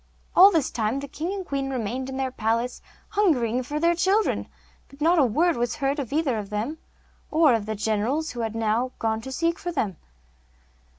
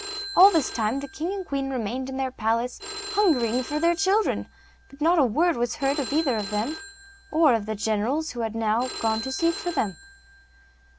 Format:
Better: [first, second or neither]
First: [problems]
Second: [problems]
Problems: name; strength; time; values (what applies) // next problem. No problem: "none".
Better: first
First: none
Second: background sound (Telephone); 14 dB below the speech